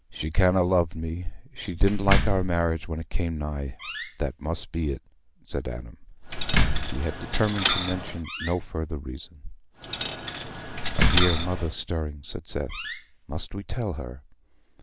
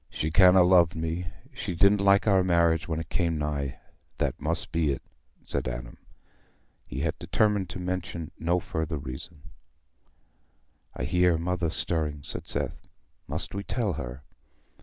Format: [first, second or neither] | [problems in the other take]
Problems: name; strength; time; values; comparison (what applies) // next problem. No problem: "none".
second | background sound (Coin (dropping) + Slam); 1 dB below the speech